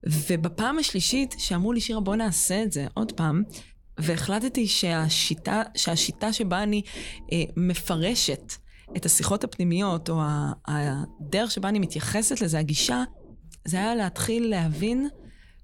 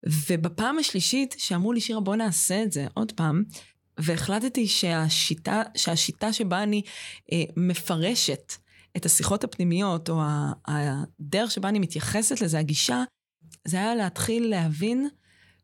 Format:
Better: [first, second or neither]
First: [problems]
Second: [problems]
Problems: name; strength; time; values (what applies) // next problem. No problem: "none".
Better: second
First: low rumble; faint; throughout; 25 dB below the speech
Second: none